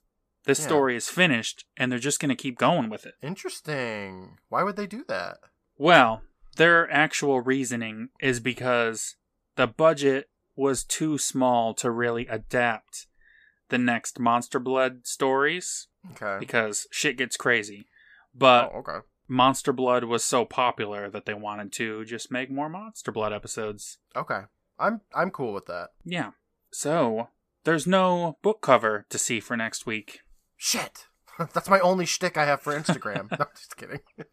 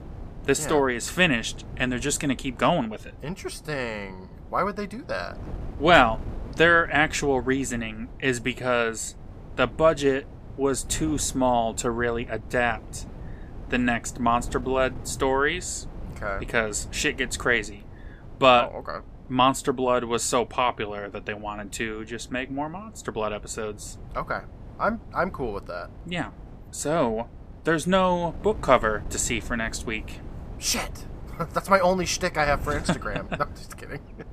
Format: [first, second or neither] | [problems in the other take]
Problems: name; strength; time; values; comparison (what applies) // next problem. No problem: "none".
first | wind noise on the microphone; occasional gusts; 25 dB below the speech